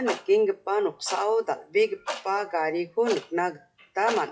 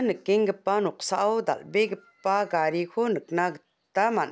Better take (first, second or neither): second